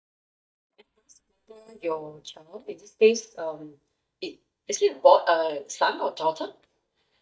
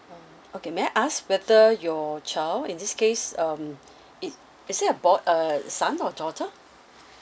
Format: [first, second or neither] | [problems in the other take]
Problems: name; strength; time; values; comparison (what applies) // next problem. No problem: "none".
second | noise reduction (neural mask model DeepFilterNet 3)